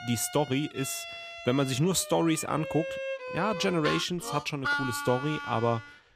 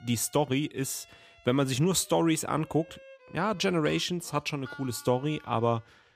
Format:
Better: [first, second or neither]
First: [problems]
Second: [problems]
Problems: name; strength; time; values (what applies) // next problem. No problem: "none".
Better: second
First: background music; loud; throughout; 7 dB below the speech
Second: background music; faint; throughout; 25 dB below the speech